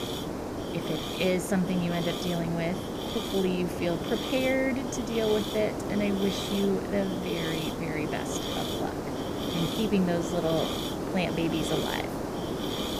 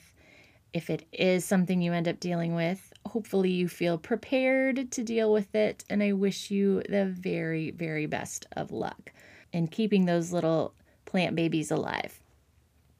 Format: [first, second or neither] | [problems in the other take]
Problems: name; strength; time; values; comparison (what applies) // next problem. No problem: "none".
second | hiss; loud; throughout; 2 dB below the speech